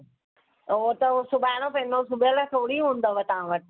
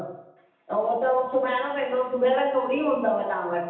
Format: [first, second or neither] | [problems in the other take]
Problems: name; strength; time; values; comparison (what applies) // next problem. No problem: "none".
first | room echo; dies away in 0.9 s